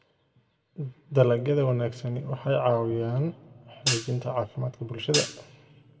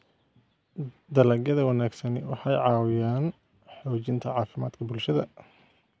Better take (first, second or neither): second